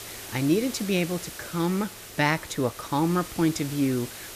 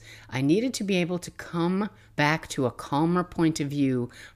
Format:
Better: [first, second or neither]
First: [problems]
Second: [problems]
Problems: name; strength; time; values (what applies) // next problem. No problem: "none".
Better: second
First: hiss; noticeable; throughout; 10 dB below the speech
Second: none